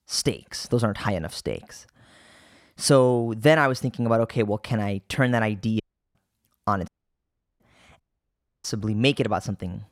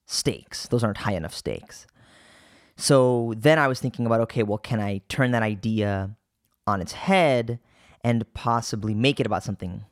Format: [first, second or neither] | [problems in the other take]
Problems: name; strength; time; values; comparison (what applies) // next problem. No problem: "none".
second | audio cutting out; at 6 s, at 7 s for 0.5 s and at 8 s for 0.5 s